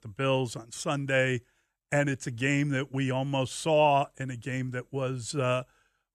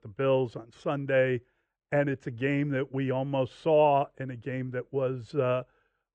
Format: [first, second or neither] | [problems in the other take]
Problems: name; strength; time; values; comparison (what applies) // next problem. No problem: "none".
first | muffled; very; fading above 2.5 kHz